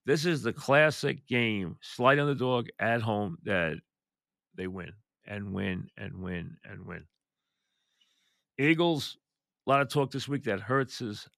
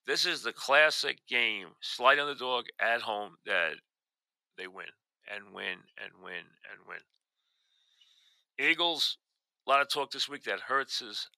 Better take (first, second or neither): first